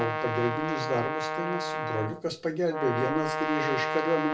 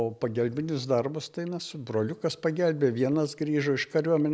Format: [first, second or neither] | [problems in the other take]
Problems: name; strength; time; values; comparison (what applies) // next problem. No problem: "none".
second | background sound (Brass instrument); 1 dB below the speech // room echo; dies away in 0.2 s